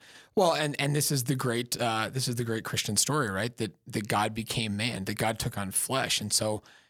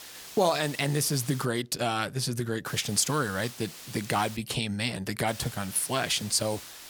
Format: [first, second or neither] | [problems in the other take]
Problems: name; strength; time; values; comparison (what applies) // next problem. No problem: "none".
first | hiss; noticeable; until 1.5 s, from 2.5 to 4.5 s and from 5.5 s on; 15 dB below the speech